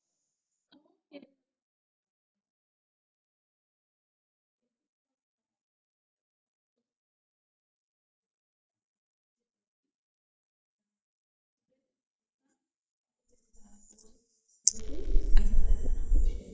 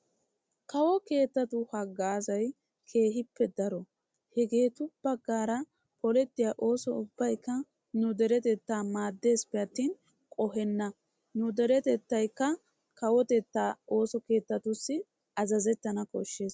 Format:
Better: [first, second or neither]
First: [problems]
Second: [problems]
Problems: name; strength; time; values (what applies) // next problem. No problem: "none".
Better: second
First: noise reduction (neural mask model DeepFilterNet 3)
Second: none